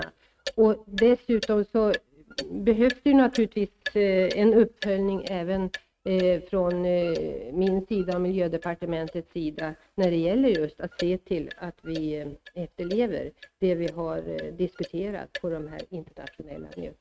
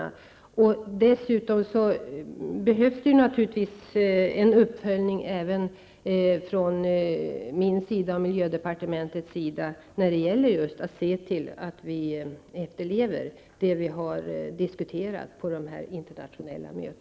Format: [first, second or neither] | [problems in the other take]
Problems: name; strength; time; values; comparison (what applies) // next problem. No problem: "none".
second | noise reduction (neural mask model RNNoise)